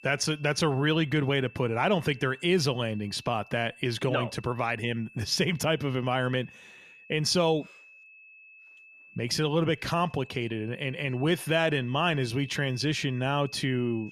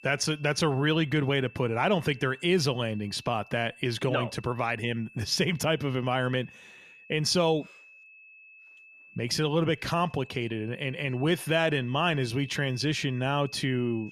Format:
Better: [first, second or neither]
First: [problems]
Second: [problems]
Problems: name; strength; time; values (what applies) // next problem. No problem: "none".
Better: neither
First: high-pitched whine; faint; throughout; 2.5 kHz, 20 dB below the speech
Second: high-pitched whine; faint; throughout; 2.5 kHz, 20 dB below the speech